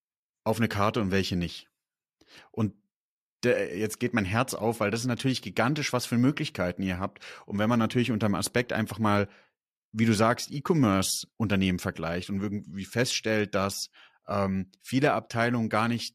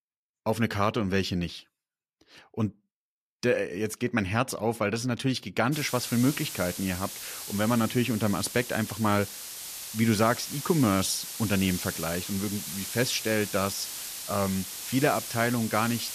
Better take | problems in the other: first | hiss; loud; from 5.5 s on; 7 dB below the speech

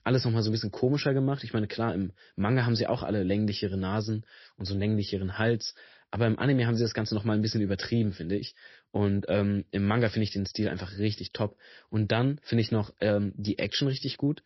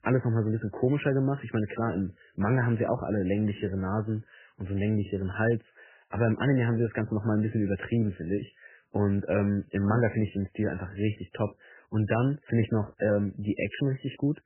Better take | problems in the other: first | garbled, watery; badly; nothing above 3 kHz; slightly in the first

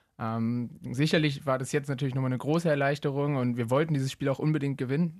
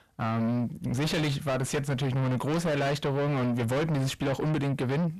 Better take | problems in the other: first | distortion; heavy; 5 dB below the speech

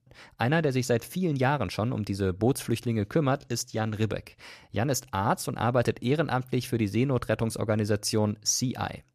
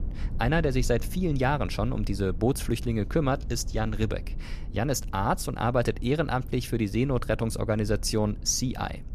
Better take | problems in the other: first | low rumble; faint; throughout; 25 dB below the speech

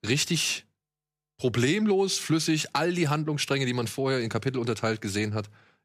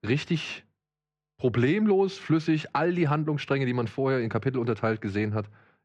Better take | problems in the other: first | muffled; very; fading above 2 kHz

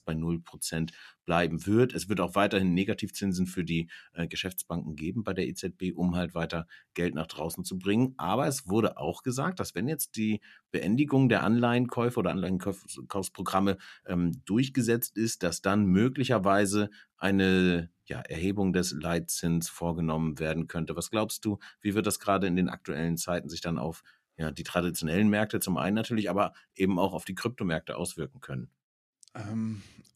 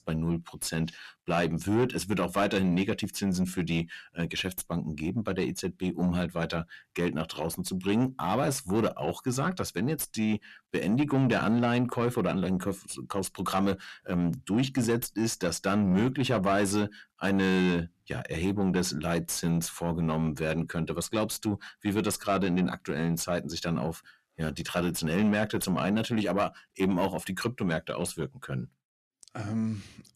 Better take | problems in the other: first | distortion; slight; 10 dB below the speech

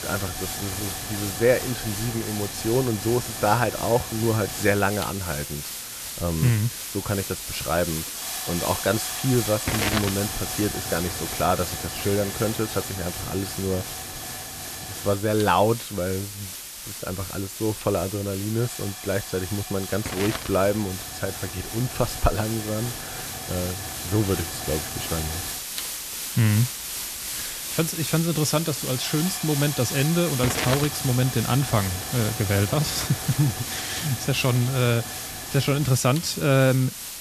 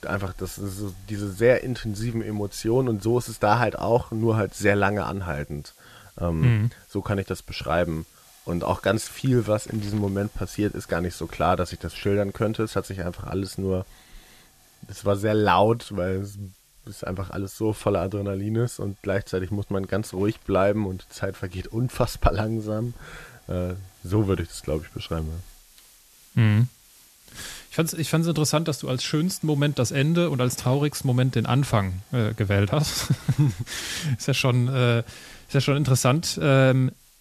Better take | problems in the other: second | hiss; loud; throughout; 5 dB below the speech; faint in the second

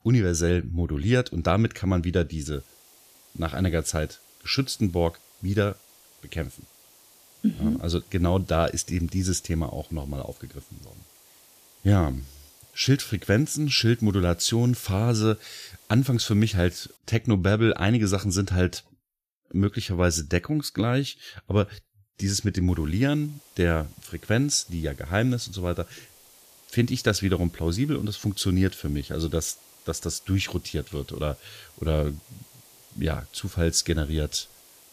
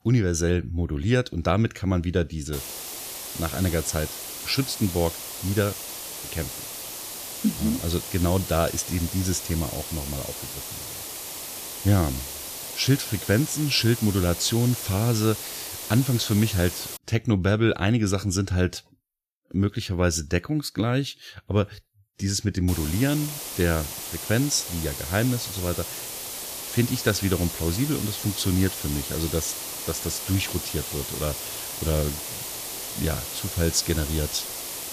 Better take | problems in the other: first | hiss; loud; from 2.5 to 17 s and from 23 s on; 6 dB below the speech; faint in the first

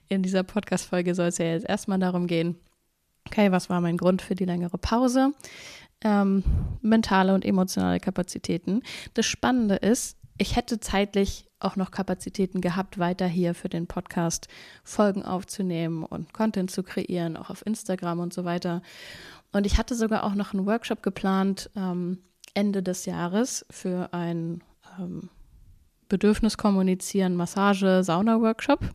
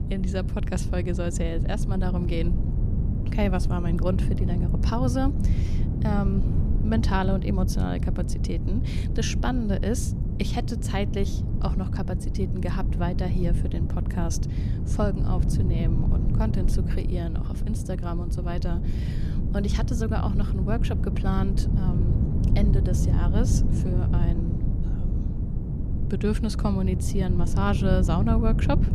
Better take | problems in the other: first | wind noise on the microphone; heavy; 5 dB below the speech

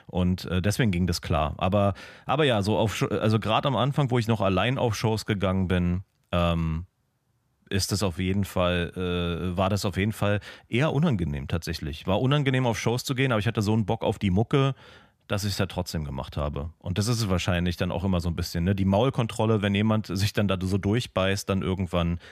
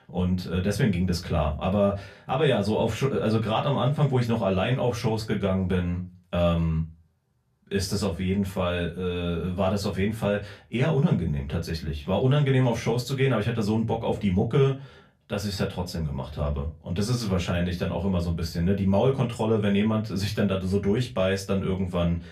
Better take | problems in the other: first | off-mic speech; far // room echo; very slight; dies away in 0.2 s

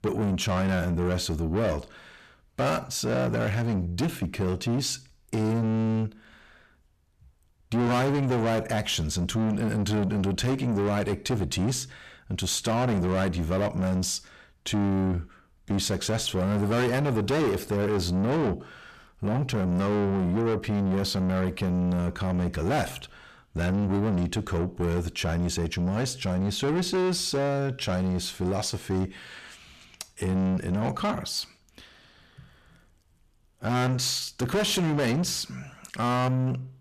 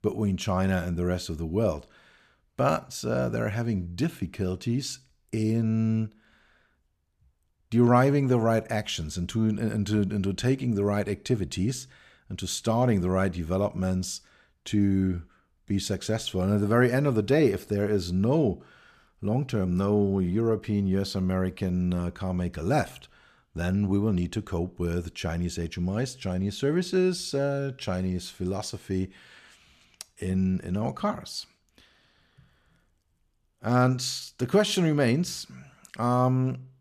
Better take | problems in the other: second | distortion; heavy; 7 dB below the speech

